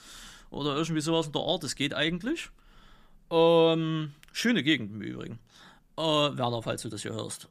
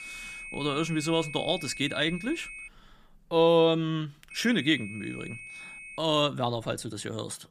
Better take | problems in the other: first | high-pitched whine; noticeable; until 2.5 s and from 4.5 to 6 s; 2.5 kHz, 10 dB below the speech

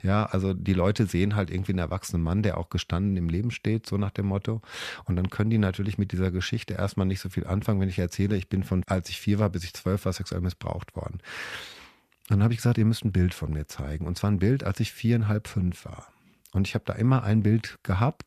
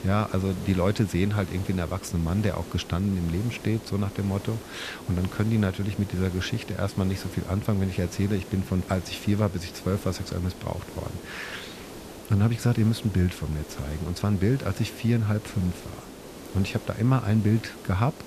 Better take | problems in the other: first | hiss; noticeable; throughout; 15 dB below the speech

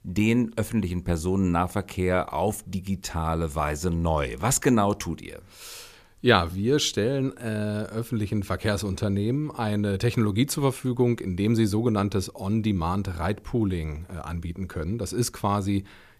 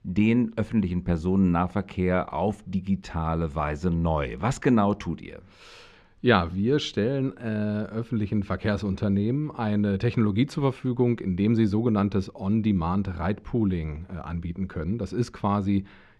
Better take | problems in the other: first | muffled; slightly; fading above 3.5 kHz

